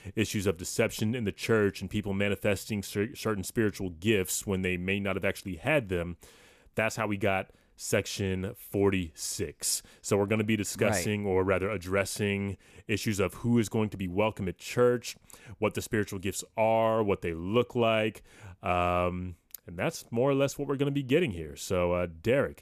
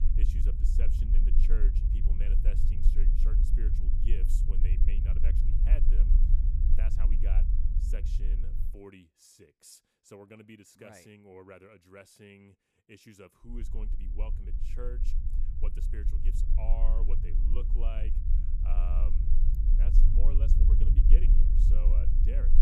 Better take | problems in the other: first | low rumble; loud; until 8.5 s and from 14 s on; 1 dB below the speech

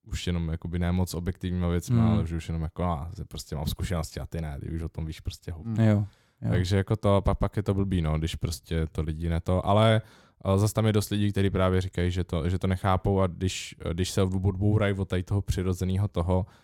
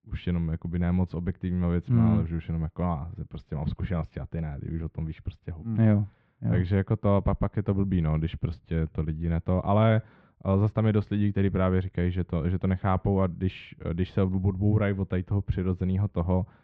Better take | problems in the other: first | muffled; very; fading above 2.5 kHz

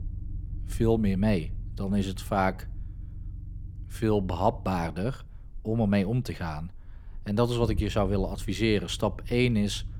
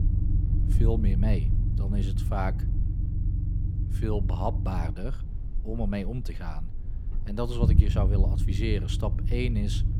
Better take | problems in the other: first | low rumble; loud; throughout; 7 dB below the speech; faint in the first

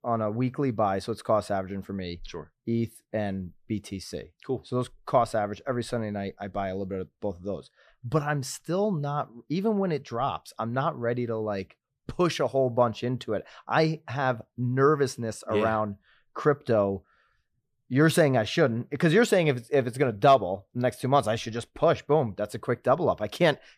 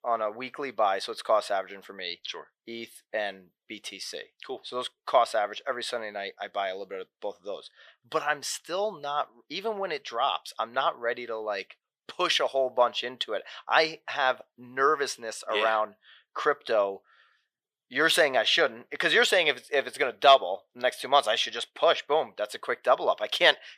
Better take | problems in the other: first | thin; very; fading below 650 Hz

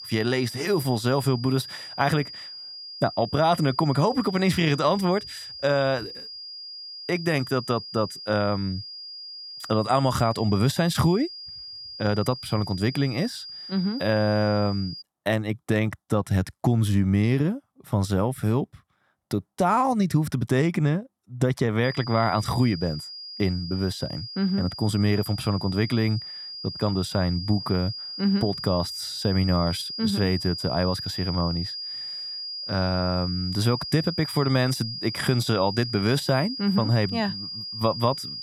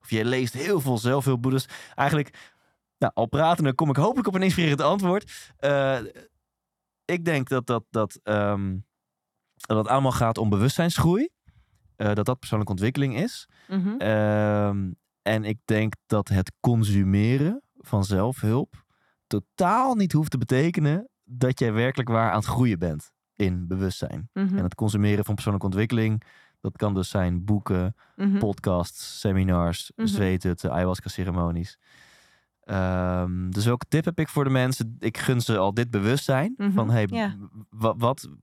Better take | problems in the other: second | high-pitched whine; loud; until 15 s and from 22 s on; 5 kHz, 9 dB below the speech

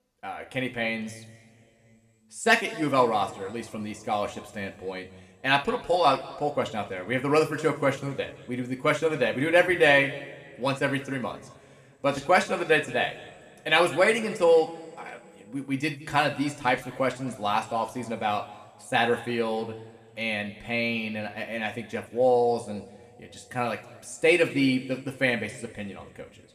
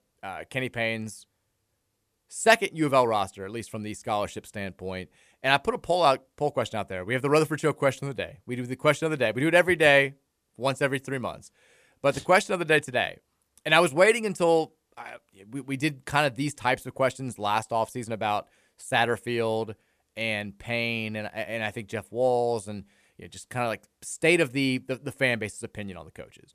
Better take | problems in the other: second | room echo; slight; dies away in 2.7 s

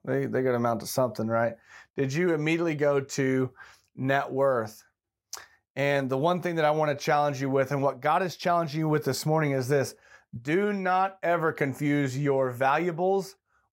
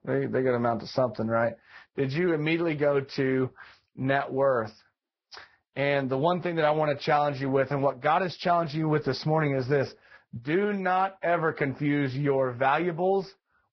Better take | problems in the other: first | garbled, watery; badly; nothing above 5.5 kHz

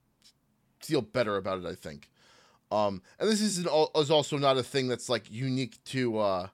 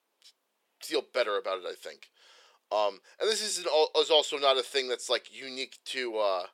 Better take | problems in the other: first | thin; very; fading below 400 Hz

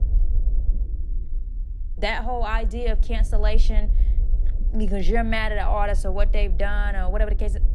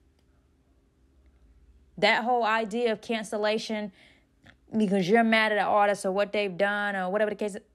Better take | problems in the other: second | low rumble; faint; throughout; 20 dB below the speech

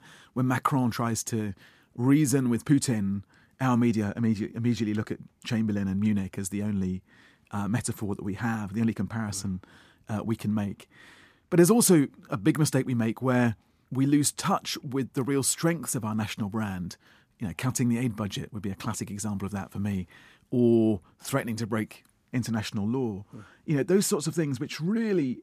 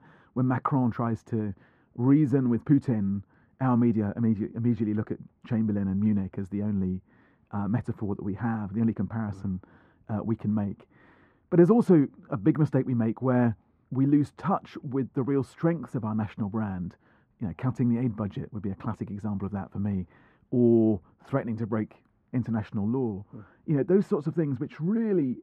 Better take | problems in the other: first | muffled; very; fading above 3 kHz

